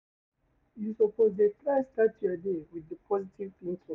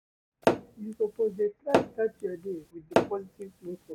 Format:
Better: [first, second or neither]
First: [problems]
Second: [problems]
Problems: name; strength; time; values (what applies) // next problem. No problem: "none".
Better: first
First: none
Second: background sound (Tap / Hammer); 3 dB above the speech